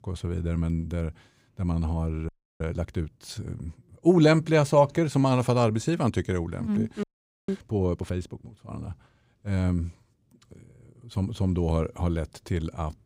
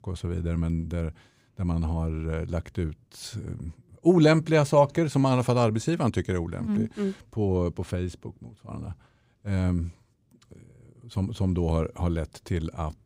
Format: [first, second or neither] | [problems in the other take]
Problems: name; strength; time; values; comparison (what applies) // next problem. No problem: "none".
second | audio freezing; at 2.5 s and at 7 s